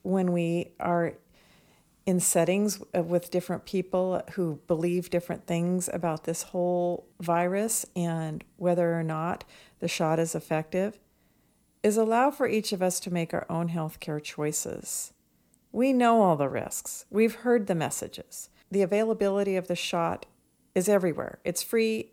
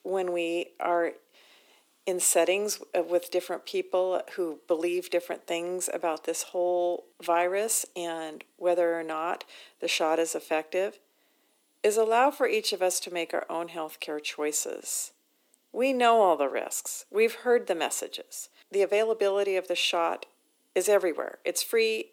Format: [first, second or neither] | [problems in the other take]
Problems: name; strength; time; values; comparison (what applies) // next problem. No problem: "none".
first | thin; somewhat; fading below 300 Hz